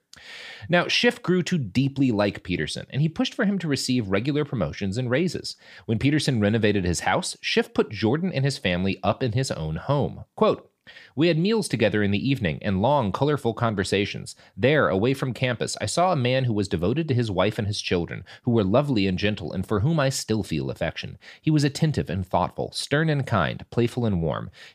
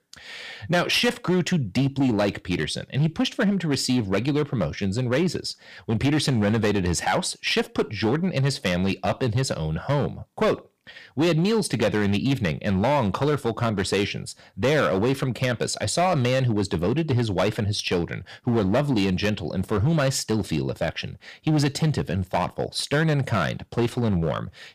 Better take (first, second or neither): first